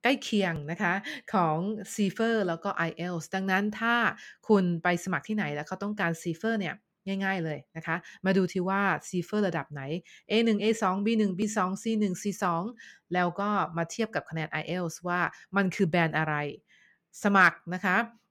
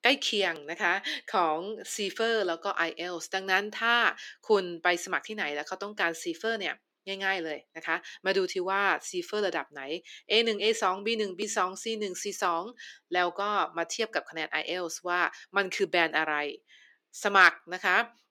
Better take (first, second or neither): first